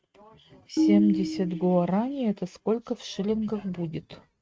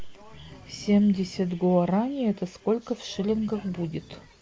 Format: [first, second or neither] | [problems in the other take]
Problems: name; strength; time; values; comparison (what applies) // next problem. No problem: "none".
second | noise reduction (neural mask model RNNoise)